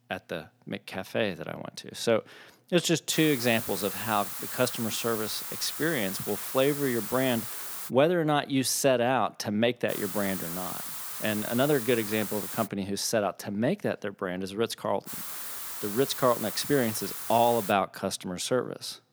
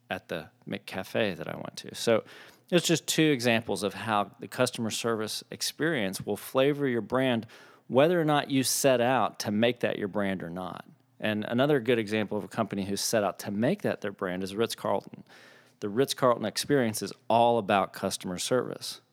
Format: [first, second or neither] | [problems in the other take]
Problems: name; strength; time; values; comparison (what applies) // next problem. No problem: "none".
second | hiss; loud; from 3 to 8 s, from 10 to 13 s and from 15 to 18 s; 6 dB below the speech